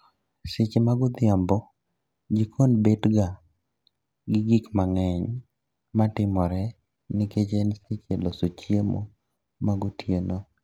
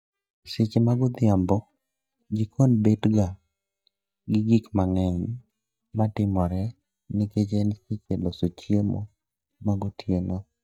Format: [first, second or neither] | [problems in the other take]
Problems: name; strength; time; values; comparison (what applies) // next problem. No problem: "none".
first | noise reduction (neural mask model DeepFilterNet 3)